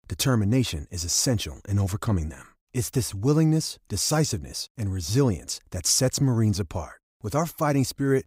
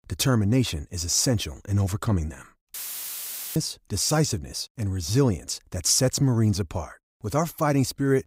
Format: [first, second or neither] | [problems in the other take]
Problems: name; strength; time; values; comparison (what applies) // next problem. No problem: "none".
first | audio cutting out; filled with static; at 2.5 s for 1 s